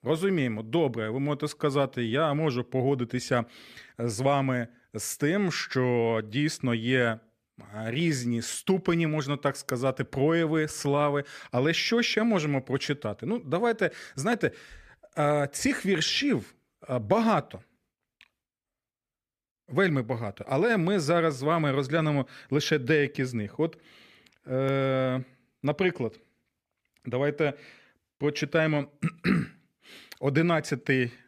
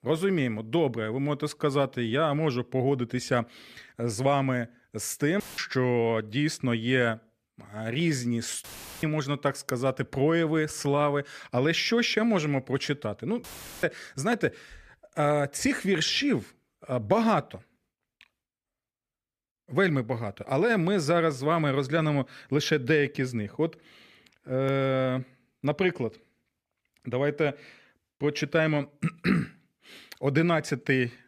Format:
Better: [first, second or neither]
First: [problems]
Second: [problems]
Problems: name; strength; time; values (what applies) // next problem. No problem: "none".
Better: first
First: none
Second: audio cutting out; filled with static; at 5.5 s, at 8.5 s and at 13 s